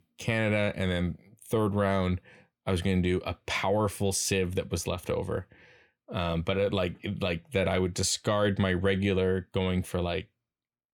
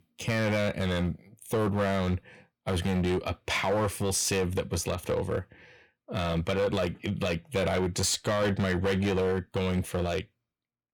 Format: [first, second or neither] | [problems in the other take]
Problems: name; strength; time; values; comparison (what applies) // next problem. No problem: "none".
first | distortion; slight; 11% of the sound clipped